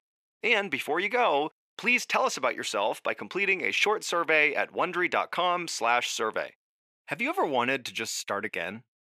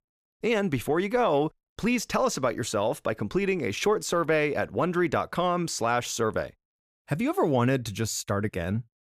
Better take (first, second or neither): second